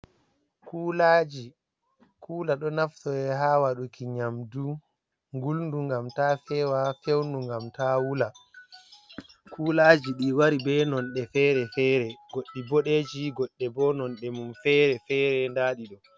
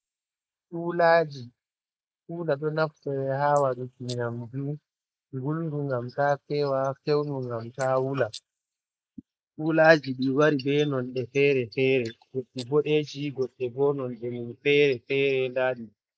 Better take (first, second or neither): first